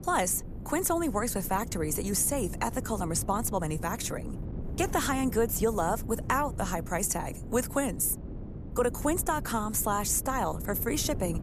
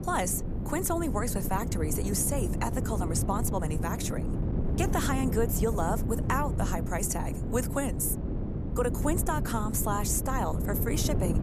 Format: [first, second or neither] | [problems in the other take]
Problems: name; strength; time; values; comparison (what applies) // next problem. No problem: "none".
first | wind noise on the microphone; heavy; 8 dB below the speech; occasional gusts in the first